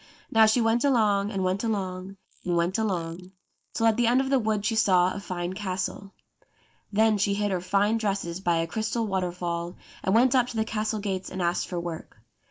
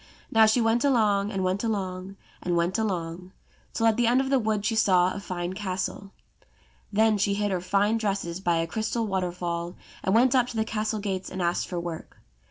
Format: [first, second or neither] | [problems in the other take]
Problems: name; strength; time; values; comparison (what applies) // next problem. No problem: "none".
second | noise reduction (neural mask model Resemble Enhance denoiser)